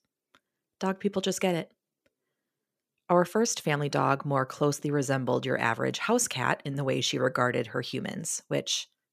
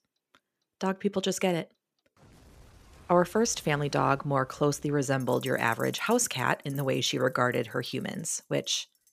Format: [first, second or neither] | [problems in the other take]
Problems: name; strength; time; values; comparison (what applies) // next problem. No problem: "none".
first | household noises; faint; throughout; 20 dB below the speech